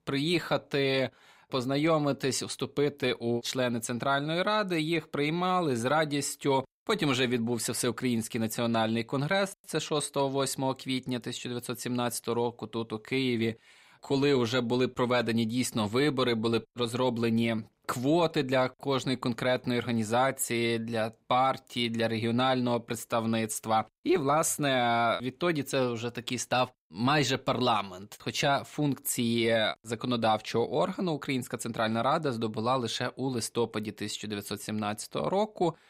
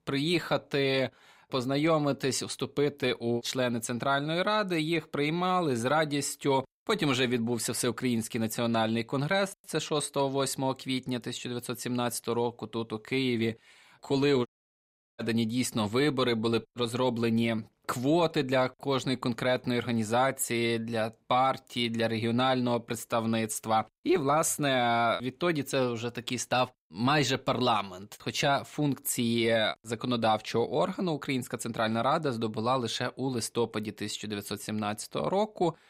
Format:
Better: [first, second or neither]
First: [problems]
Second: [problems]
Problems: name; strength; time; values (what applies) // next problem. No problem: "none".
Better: first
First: none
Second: audio cutting out; at 14 s for 0.5 s